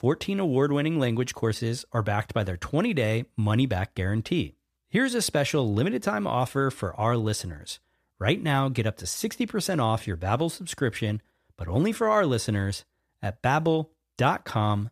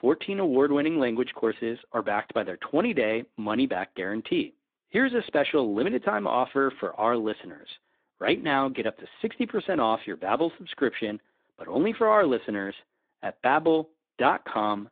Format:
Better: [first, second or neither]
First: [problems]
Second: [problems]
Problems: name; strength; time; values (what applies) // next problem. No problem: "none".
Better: first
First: none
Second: phone-call audio; nothing above 3.5 kHz